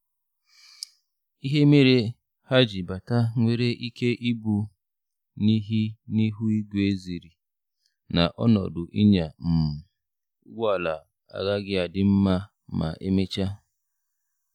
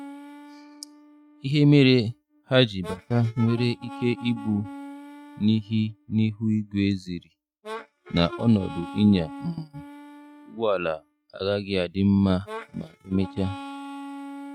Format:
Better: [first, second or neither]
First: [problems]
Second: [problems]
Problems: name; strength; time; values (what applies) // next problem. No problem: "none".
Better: first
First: none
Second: noise reduction (neural mask model RNNoise)